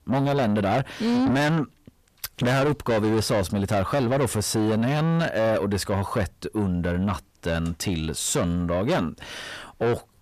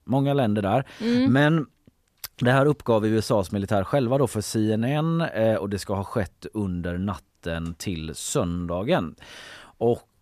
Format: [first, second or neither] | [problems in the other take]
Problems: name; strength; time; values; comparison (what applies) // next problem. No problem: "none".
second | distortion; heavy; 7 dB below the speech